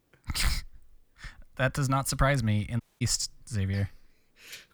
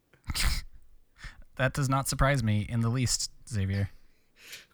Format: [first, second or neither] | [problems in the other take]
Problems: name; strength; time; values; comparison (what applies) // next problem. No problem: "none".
second | audio cutting out; at 3 s